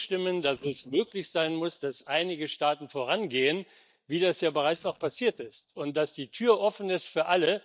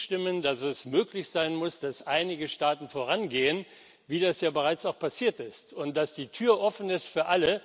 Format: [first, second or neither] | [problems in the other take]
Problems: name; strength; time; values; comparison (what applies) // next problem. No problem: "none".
second | noise reduction (neural mask model DeepFilterNet 3)